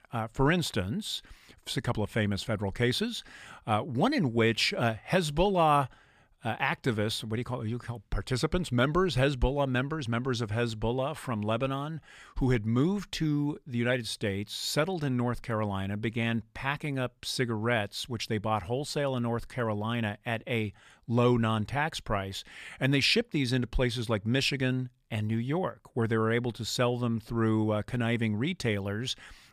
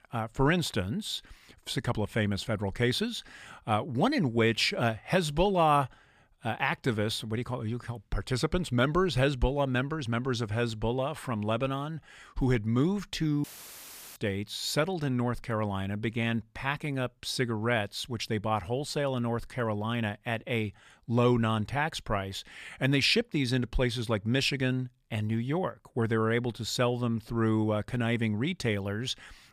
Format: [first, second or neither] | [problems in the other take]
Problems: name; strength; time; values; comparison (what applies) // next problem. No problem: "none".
first | audio cutting out; filled with static; at 13 s for 0.5 s